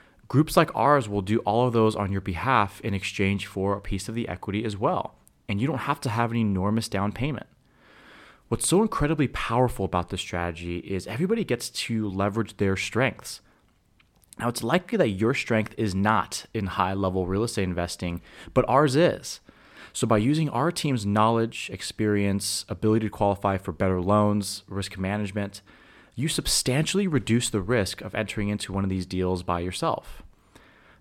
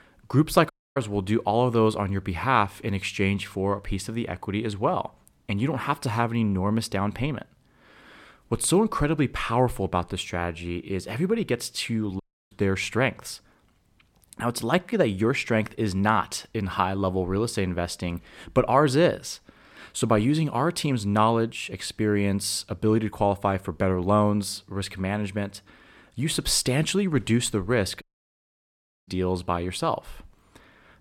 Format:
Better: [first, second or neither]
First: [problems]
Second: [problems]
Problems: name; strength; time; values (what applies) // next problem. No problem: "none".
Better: first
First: none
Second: audio cutting out; at 0.5 s, at 12 s and at 28 s for 1 s